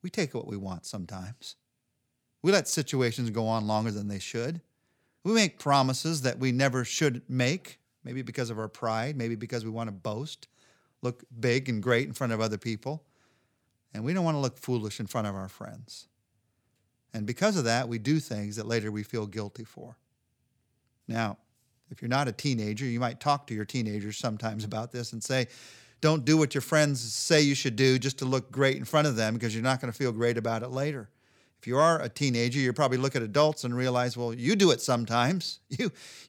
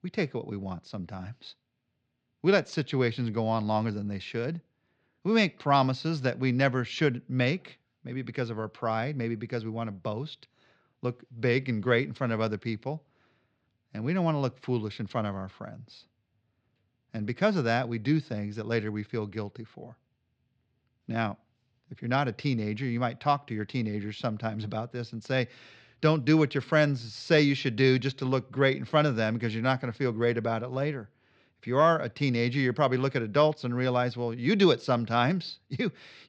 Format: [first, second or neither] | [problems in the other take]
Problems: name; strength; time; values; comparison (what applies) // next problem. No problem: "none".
first | muffled; slightly; fading above 4 kHz